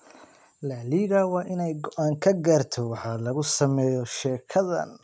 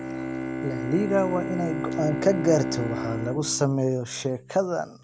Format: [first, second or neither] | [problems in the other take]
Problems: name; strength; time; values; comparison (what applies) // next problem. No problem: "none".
first | background sound (Bowed string instrument); 5 dB below the speech